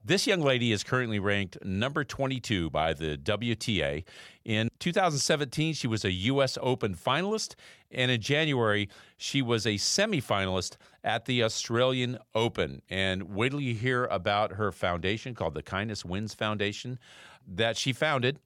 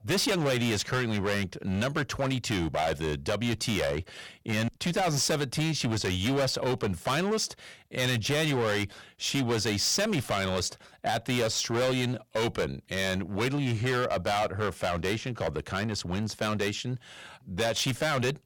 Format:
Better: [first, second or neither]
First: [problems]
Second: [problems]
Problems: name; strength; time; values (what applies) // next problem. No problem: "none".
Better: first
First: none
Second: distortion; heavy; 17% of the sound clipped